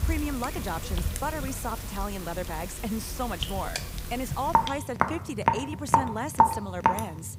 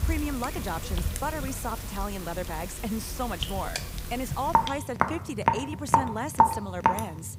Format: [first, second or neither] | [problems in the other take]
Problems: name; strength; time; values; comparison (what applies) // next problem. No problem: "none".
neither | rain or running water; very loud; throughout; 4 dB above the speech; the same in both